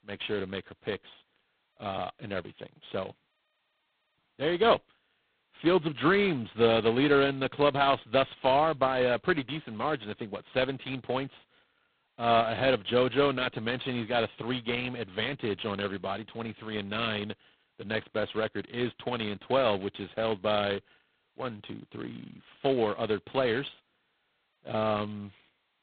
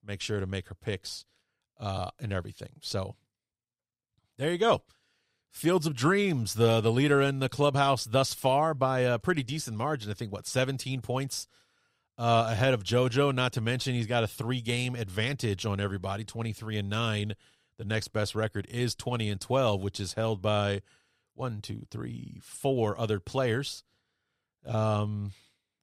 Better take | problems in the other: second | phone-call audio; poor line; nothing above 4 kHz

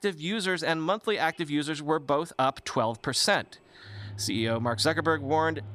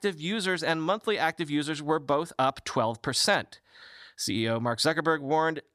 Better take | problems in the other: second | machinery noise; noticeable; throughout; 15 dB below the speech

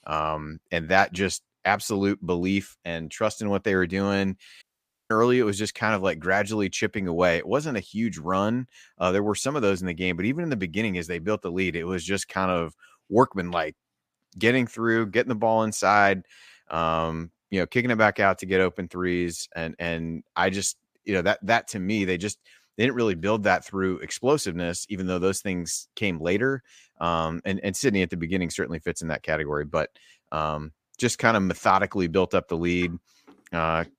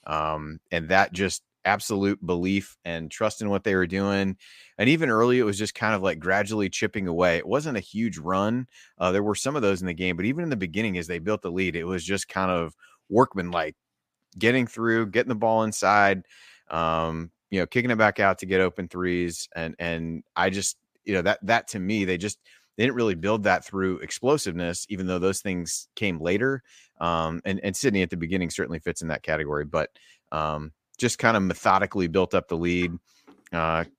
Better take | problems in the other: second | audio cutting out; at 4.5 s

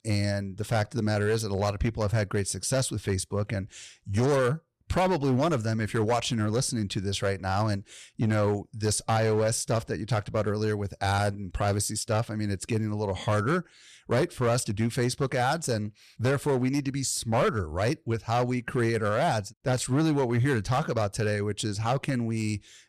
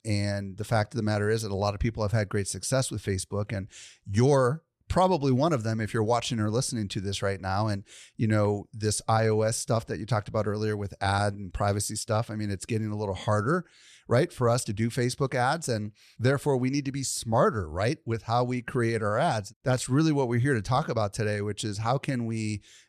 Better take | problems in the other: second | distortion; slight; 8% of the sound clipped

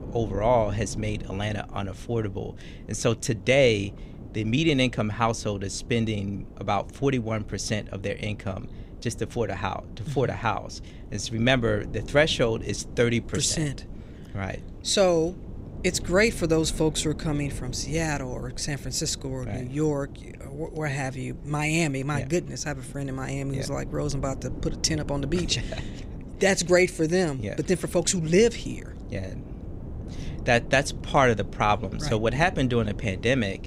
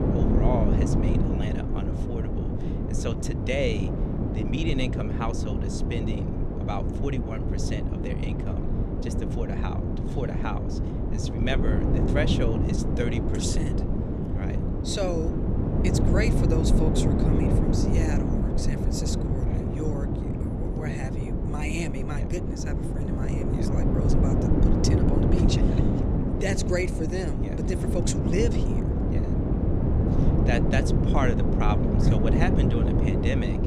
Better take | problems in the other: first | wind noise on the microphone; heavy; 1 dB above the speech; occasional gusts in the first

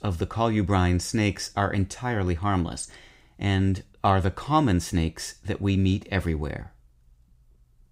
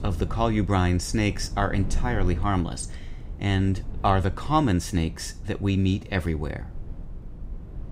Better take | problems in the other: first | wind noise on the microphone; occasional gusts; 20 dB below the speech

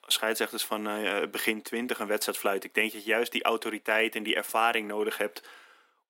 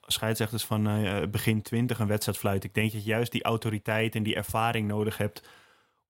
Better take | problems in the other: second | thin; somewhat; fading below 250 Hz

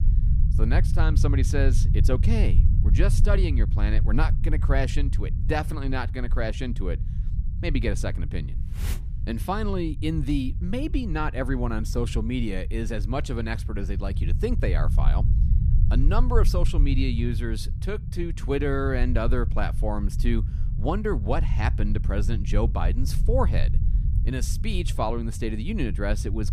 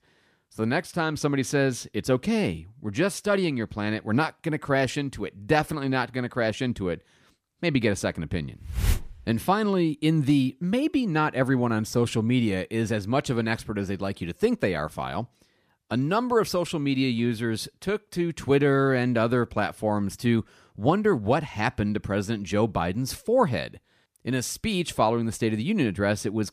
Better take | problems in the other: second | low rumble; noticeable; throughout; 10 dB below the speech

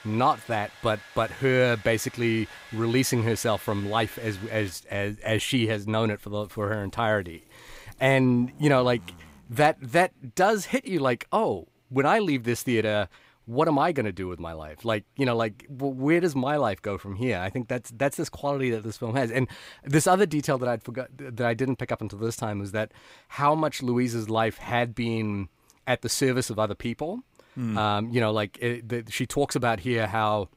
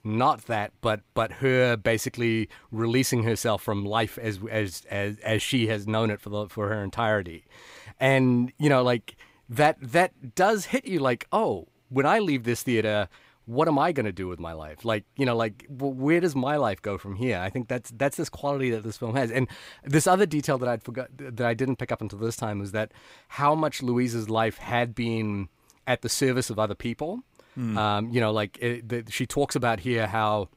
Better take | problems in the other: second | household noises; faint; until 9.5 s; 20 dB below the speech

